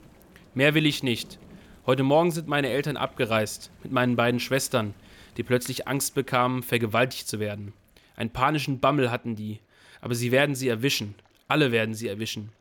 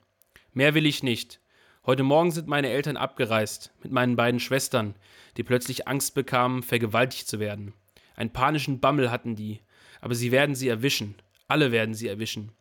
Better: second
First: rain or running water; faint; throughout; 30 dB below the speech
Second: none

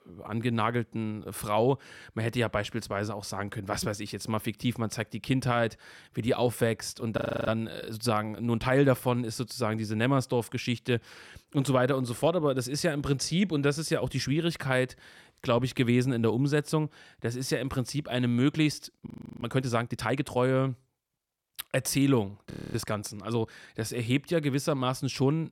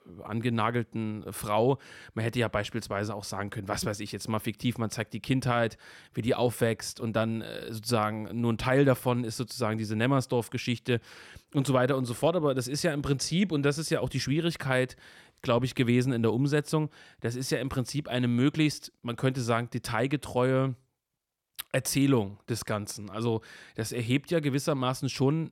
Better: second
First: audio freezing; at 7 s, at 19 s and at 23 s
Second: none

